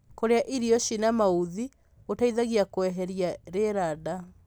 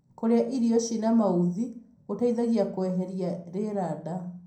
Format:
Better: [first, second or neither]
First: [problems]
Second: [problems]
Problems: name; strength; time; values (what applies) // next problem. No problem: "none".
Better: first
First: none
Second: room echo; dies away in 0.6 s